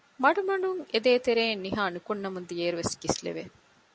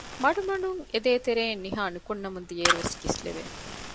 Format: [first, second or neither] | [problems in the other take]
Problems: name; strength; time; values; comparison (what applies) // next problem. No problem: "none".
first | background sound (Fire); 6 dB below the speech